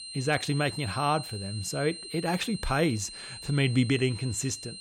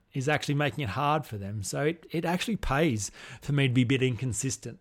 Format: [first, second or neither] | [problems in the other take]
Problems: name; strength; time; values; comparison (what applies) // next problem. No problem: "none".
second | high-pitched whine; noticeable; throughout; 4 kHz, 10 dB below the speech